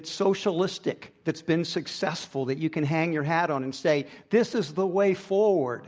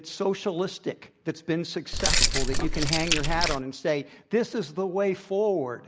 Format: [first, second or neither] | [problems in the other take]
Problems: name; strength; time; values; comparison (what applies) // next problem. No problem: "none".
first | background sound (Keys jangling); 4 dB above the speech